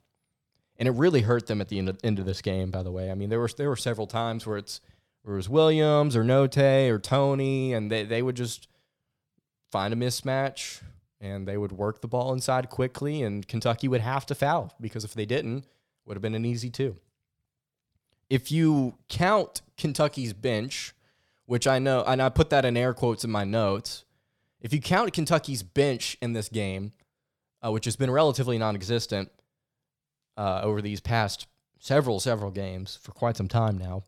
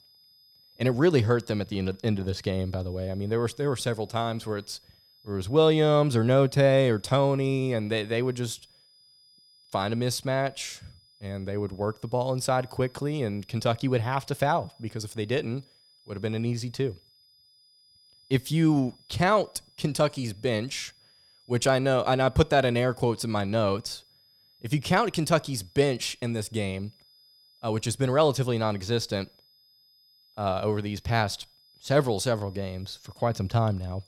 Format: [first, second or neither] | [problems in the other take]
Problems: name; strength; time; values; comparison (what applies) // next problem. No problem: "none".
first | high-pitched whine; faint; throughout; 5 kHz, 30 dB below the speech